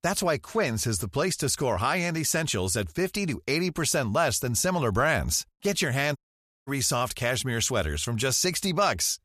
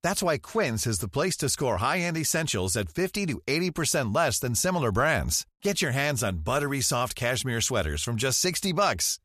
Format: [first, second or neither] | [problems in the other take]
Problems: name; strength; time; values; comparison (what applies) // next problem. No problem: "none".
second | audio cutting out; at 6 s for 0.5 s